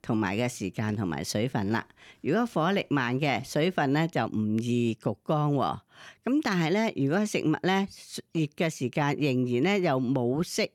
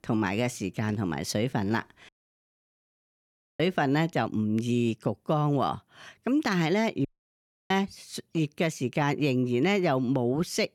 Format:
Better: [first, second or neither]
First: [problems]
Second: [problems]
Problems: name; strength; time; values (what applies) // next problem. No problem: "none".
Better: first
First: none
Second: audio cutting out; at 2 s for 1.5 s and at 7 s for 0.5 s